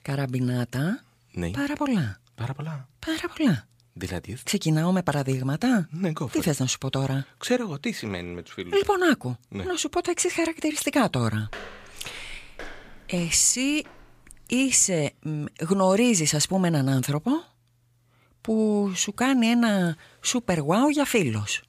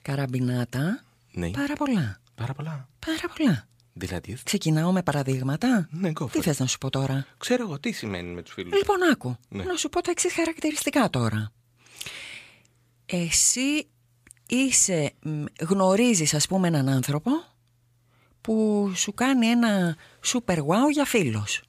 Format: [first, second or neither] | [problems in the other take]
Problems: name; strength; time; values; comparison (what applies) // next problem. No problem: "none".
second | footsteps; faint; from 11 to 14 s; peak 15 dB below the speech